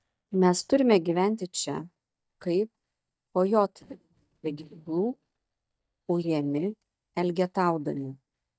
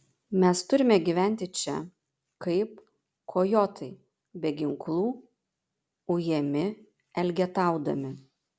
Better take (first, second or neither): second